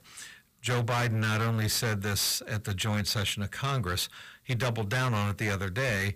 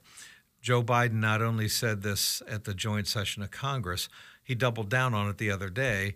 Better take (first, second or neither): second